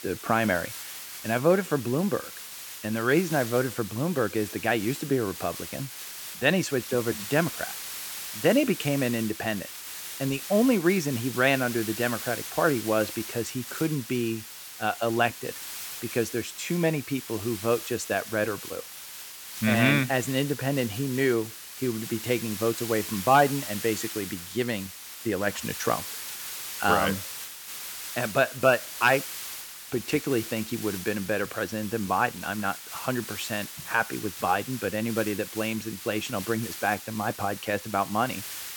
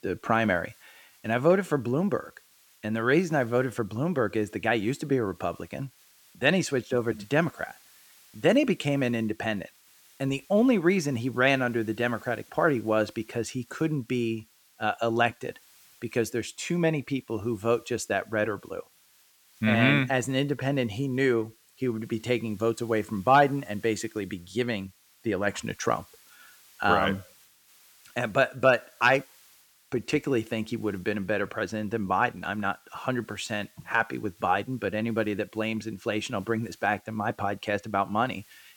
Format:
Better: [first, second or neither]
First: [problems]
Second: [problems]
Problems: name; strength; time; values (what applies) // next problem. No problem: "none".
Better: second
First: hiss; loud; throughout; 9 dB below the speech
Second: hiss; faint; throughout; 30 dB below the speech